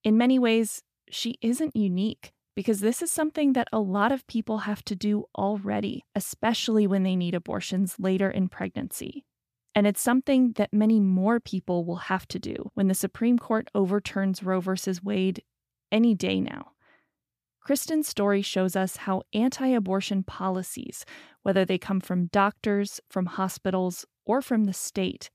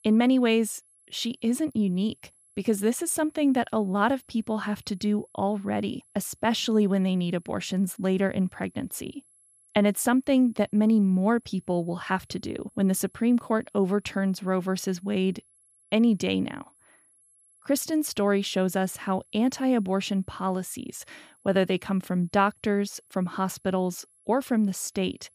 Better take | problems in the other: first | high-pitched whine; faint; throughout; 11 kHz, 30 dB below the speech

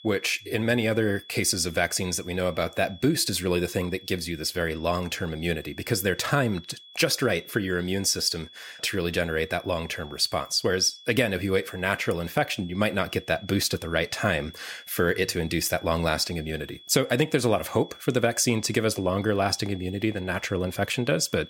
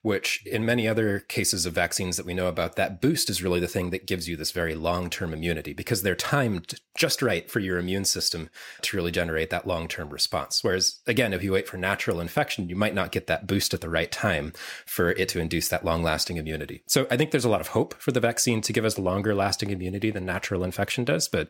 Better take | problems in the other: second | high-pitched whine; faint; throughout; 3.5 kHz, 20 dB below the speech

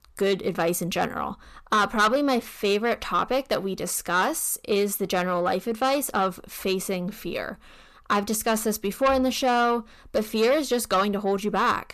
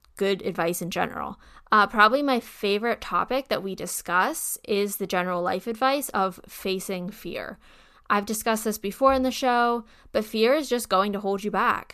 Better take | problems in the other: second | distortion; slight; 10 dB below the speech

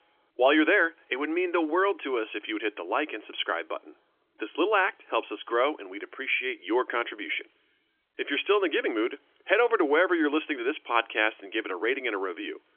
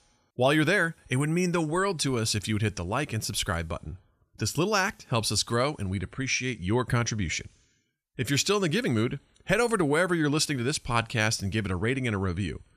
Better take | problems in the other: second | phone-call audio; nothing above 3.5 kHz

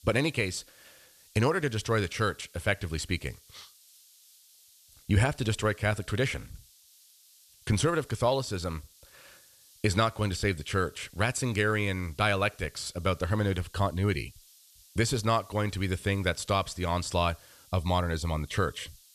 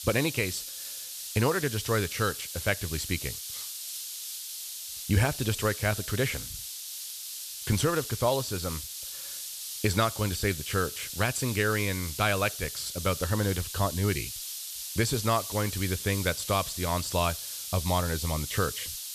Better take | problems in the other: first | hiss; loud; throughout; 6 dB below the speech; faint in the first

